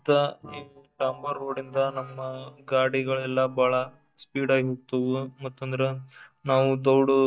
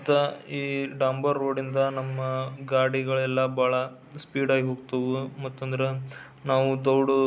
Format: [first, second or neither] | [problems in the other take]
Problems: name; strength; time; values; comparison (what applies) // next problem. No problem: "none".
second | noise reduction (neural mask model DeepFilterNet 3)